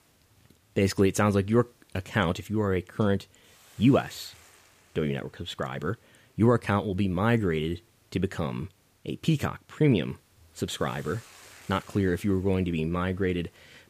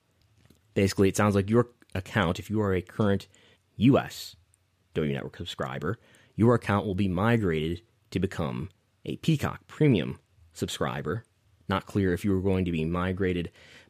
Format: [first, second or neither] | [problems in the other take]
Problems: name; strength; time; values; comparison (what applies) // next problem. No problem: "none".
second | hiss; faint; throughout; 30 dB below the speech